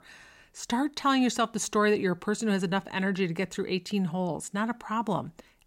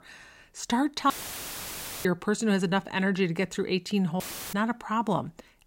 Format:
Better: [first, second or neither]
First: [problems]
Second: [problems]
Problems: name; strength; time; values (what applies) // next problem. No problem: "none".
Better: first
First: none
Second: audio cutting out; filled with static; at 1 s for 1 s and at 4 s